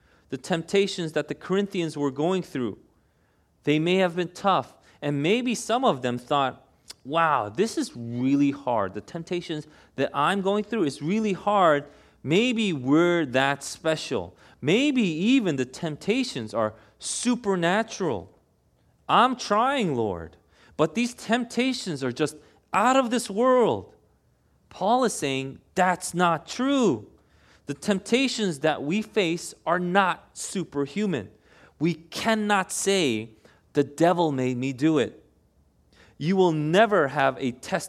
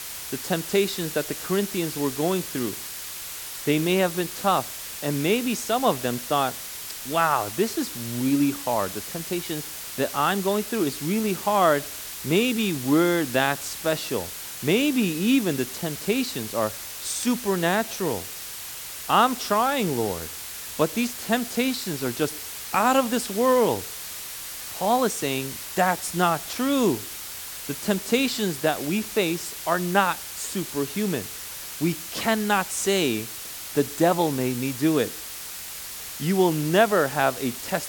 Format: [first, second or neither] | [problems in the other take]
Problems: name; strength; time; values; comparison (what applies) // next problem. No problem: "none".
first | hiss; loud; throughout; 8 dB below the speech